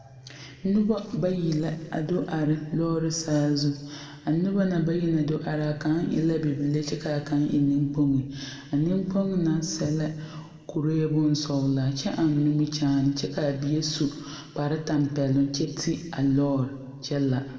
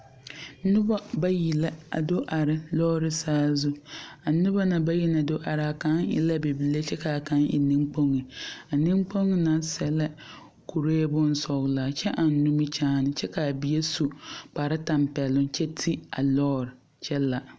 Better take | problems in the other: second | room echo; dies away in 1.4 s

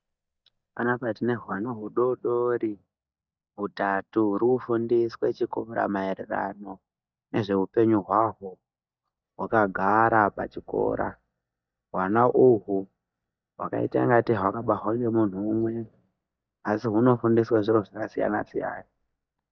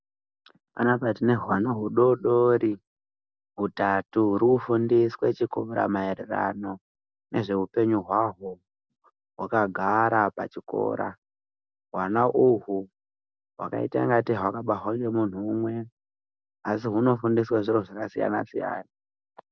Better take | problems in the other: second | noise reduction (neural mask model DeepFilterNet 3)

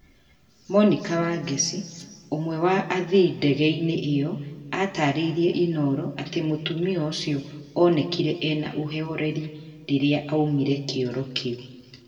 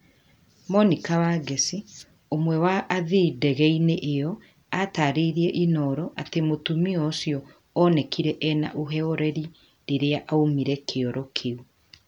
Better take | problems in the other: second | room echo; dies away in 1.3 s

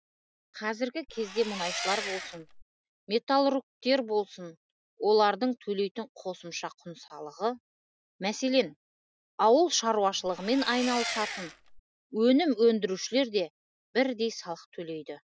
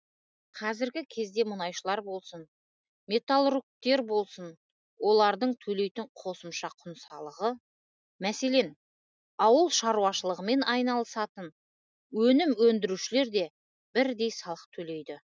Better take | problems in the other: second | background sound (Engine); 8 dB below the speech

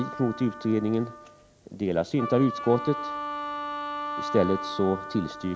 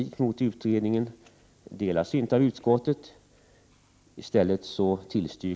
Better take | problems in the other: second | background sound (Wind instrument, woodwind instrument); 8 dB below the speech

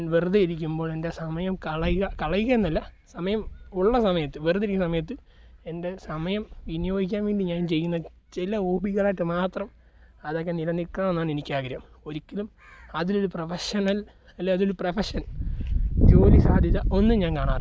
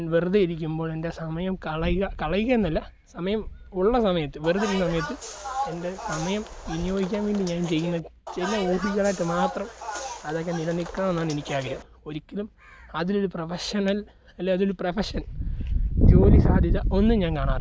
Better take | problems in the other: first | background sound (Bus); 10 dB below the speech

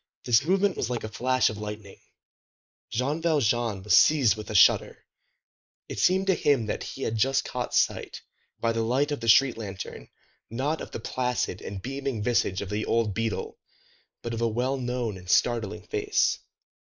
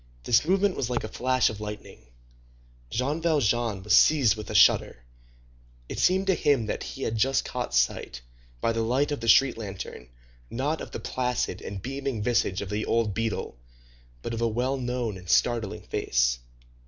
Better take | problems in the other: second | noise reduction (neural mask model Resemble Enhance denoiser)

